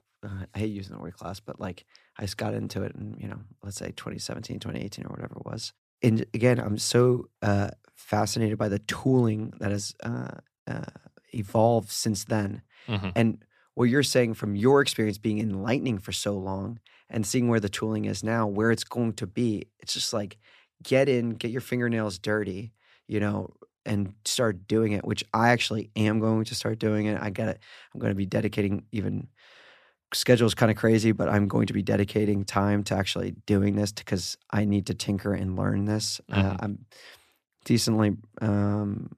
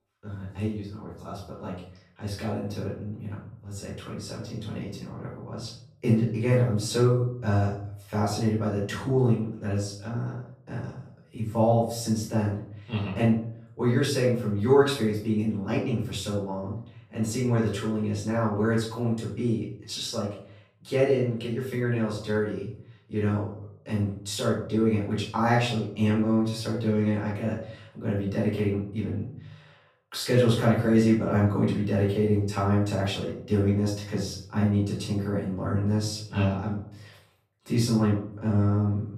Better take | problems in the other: first | room echo; noticeable; dies away in 0.5 s // off-mic speech; far

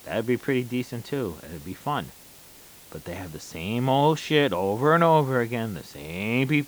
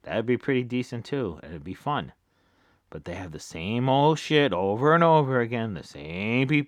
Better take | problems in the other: second | hiss; faint; throughout; 20 dB below the speech

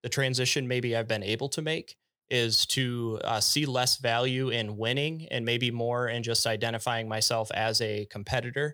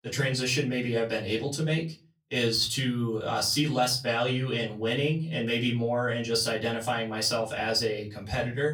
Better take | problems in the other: first | off-mic speech; far // room echo; very slight; dies away in 0.3 s

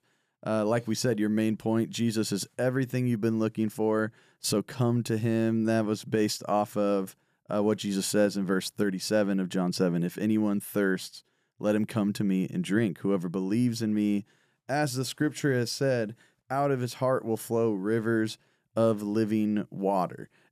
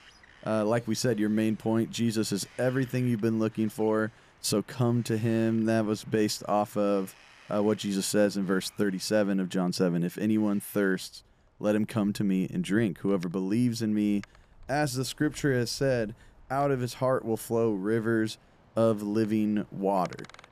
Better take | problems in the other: first | wind in the background; faint; throughout; 25 dB below the speech

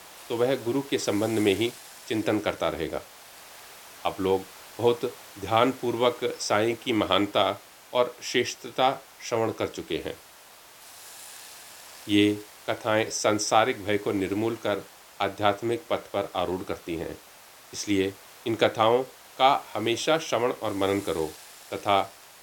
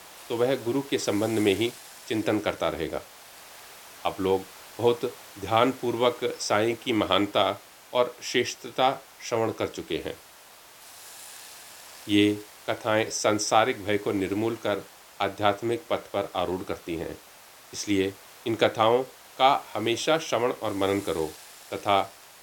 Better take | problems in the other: neither | hiss; noticeable; throughout; 20 dB below the speech; the same in both

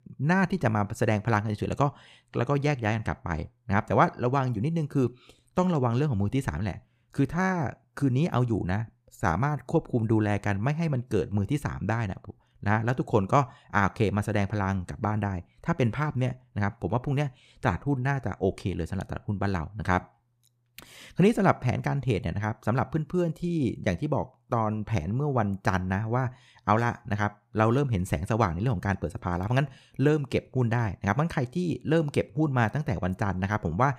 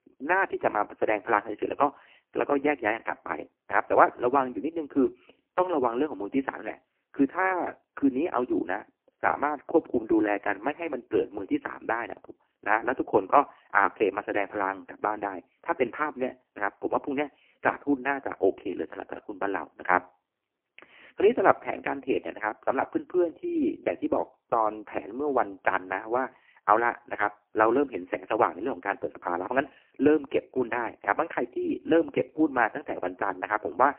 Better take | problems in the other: first | phone-call audio; poor line

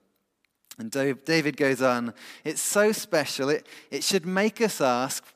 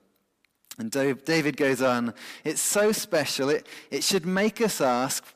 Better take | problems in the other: first | distortion; slight; 10 dB below the speech

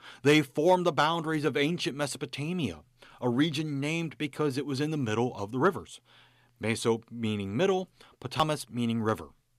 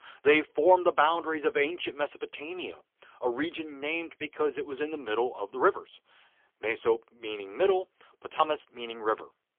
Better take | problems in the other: first | phone-call audio; poor line; nothing above 3.5 kHz

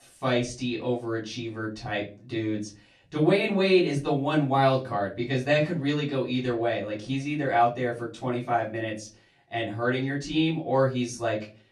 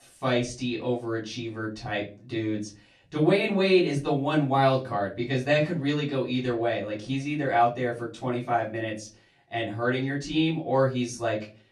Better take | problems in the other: neither | off-mic speech; far; the same in both // room echo; very slight; dies away in 0.3 s; the same in both

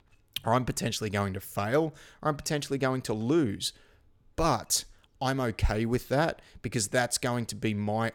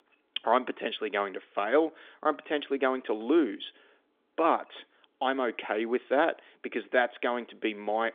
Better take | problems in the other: first | phone-call audio; nothing above 3.5 kHz

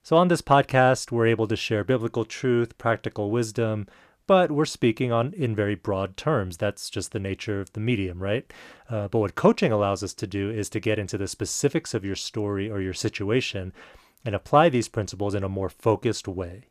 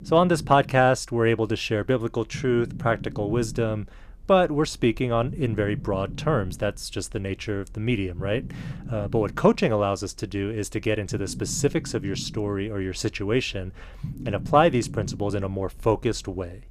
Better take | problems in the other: first | low rumble; faint; throughout; 20 dB below the speech

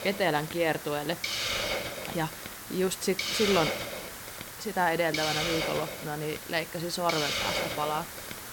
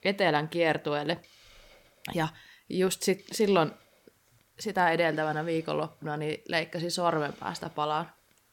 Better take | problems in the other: second | hiss; loud; throughout; 2 dB below the speech; faint in the second

